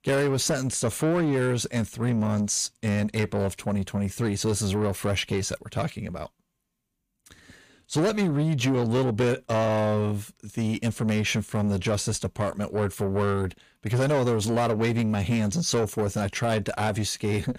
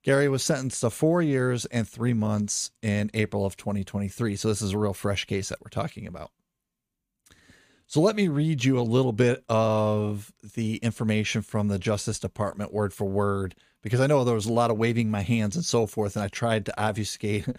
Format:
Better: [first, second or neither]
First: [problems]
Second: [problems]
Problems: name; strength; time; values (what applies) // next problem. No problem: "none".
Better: second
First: distortion; slight; 10 dB below the speech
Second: none